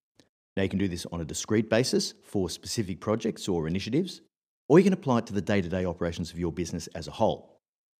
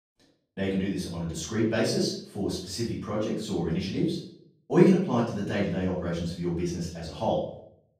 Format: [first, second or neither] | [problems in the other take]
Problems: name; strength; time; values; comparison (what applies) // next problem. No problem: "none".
first | room echo; noticeable; dies away in 0.5 s // off-mic speech; far